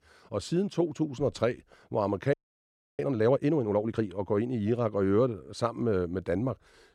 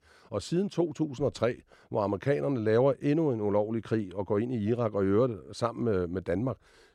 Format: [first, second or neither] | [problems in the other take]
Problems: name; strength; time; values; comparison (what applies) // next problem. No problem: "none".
second | audio freezing; at 2.5 s for 0.5 s